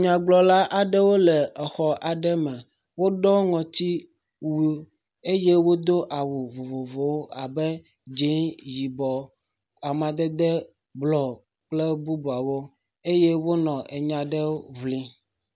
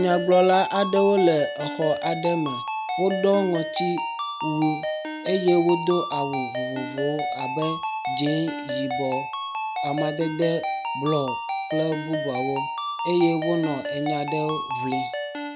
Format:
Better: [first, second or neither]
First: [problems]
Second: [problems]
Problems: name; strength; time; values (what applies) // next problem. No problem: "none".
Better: first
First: none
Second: background sound (Ringtone); 4 dB below the speech